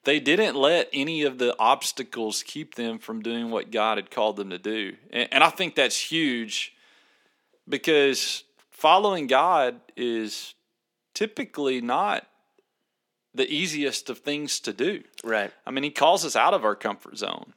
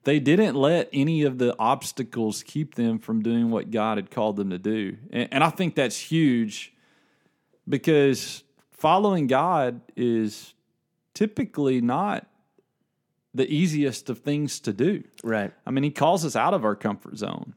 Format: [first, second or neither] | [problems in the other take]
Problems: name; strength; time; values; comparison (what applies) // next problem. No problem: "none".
second | thin; somewhat; fading below 400 Hz